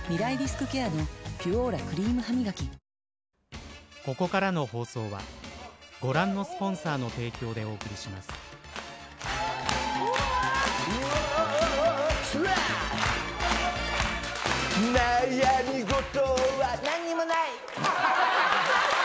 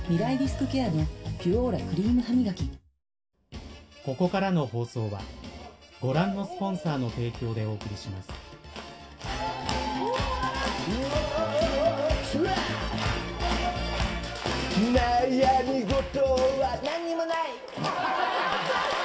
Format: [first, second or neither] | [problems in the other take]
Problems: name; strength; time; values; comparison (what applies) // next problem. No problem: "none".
first | room echo; dies away in 0.2 s